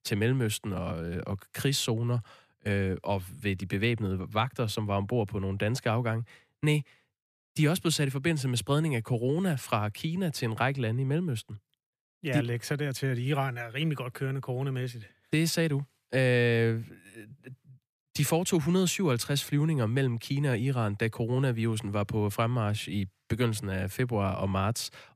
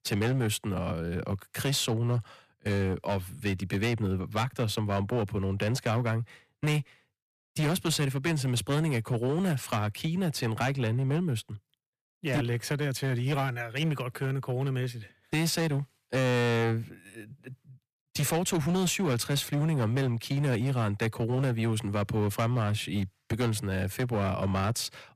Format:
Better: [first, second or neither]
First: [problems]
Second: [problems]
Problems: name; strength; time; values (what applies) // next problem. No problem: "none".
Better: first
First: none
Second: distortion; slight; 13% of the sound clipped